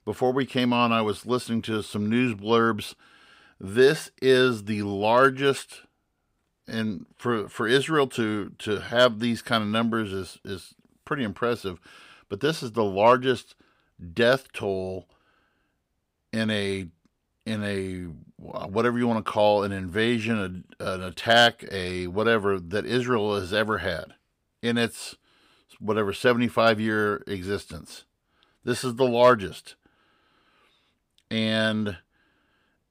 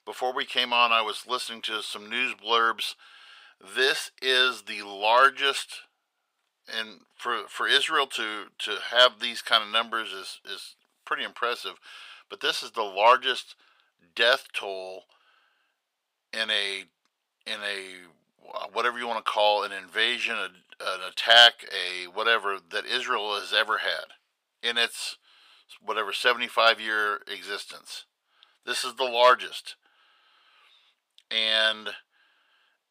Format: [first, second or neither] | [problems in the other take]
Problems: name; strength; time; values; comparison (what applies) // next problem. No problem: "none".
first | thin; very; fading below 800 Hz